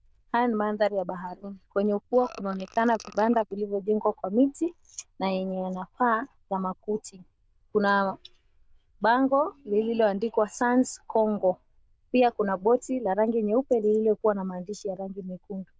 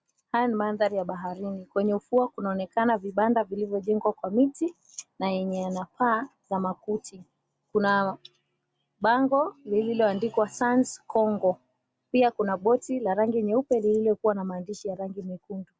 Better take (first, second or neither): second